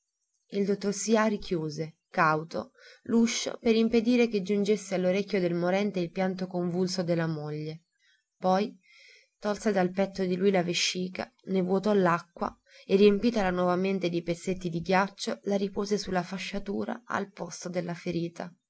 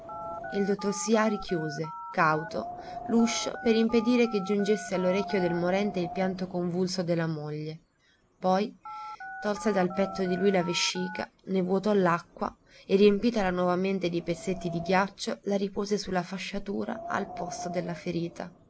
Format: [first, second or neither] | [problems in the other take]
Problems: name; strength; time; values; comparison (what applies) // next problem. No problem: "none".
first | background sound (Telephone + Wind); 13 dB below the speech